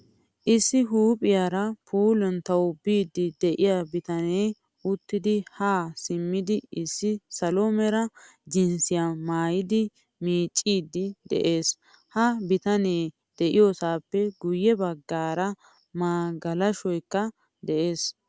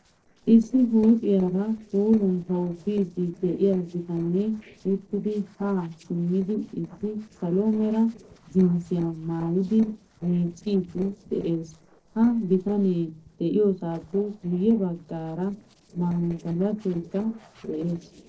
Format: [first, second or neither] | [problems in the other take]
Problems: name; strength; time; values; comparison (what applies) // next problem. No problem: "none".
first | noise reduction (neural separator model SepFormer DNS4)